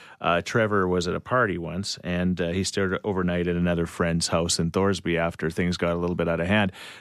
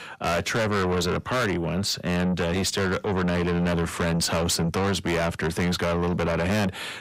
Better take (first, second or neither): first